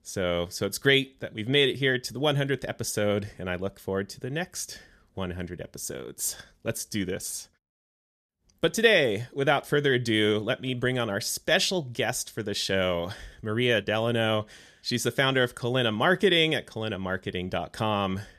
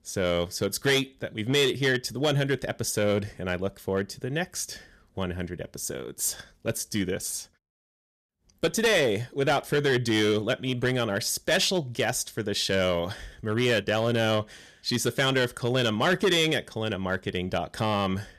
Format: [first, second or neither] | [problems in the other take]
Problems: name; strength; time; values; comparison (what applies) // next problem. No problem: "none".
first | distortion; slight; 5% of the sound clipped